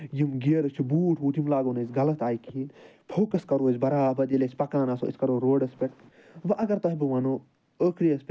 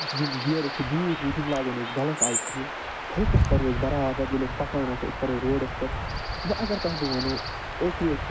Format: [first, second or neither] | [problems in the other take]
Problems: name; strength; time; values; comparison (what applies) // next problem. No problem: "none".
first | background sound (Chirp, tweet + Stream / Chirp, tweet / Wind); 1 dB below the speech